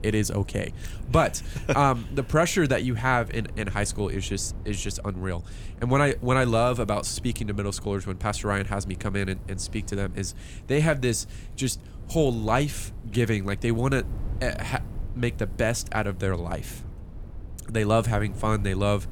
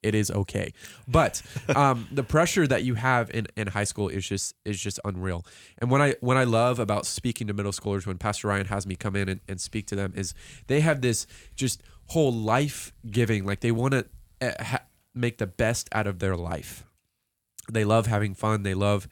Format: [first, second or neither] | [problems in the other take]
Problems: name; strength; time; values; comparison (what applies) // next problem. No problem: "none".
second | low rumble; faint; throughout; 25 dB below the speech